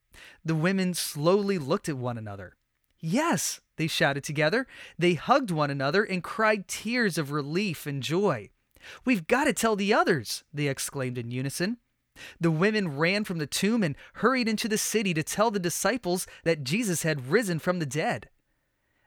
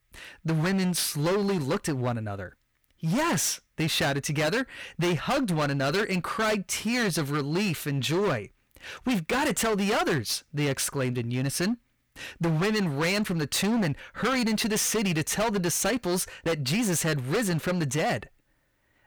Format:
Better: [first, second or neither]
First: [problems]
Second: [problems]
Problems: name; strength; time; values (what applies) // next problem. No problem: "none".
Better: first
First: none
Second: distortion; heavy; 20% of the sound clipped